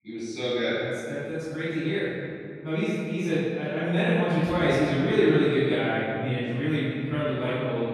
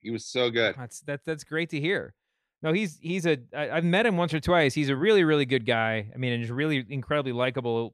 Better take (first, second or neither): second